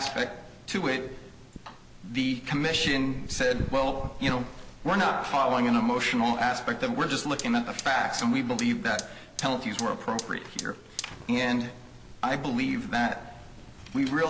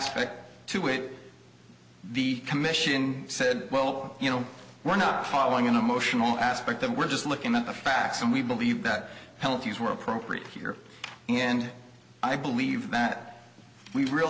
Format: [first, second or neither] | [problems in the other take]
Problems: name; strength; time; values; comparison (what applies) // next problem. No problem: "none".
second | background sound (Fire); 12 dB below the speech